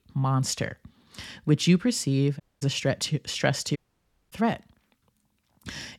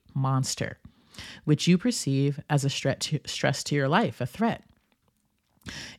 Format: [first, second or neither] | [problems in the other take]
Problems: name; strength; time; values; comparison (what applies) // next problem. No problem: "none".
second | audio cutting out; at 2.5 s and at 4 s for 0.5 s